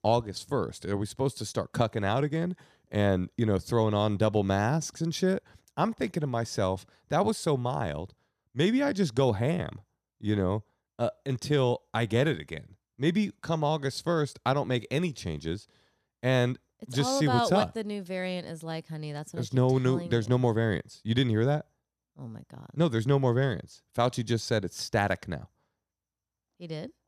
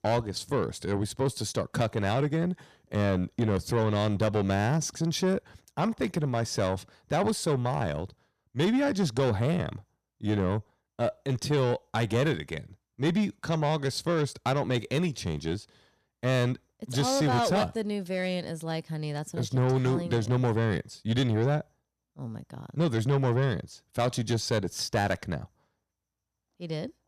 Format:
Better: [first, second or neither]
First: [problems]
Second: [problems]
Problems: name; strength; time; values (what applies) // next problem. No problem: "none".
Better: first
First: none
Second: distortion; slight; 10 dB below the speech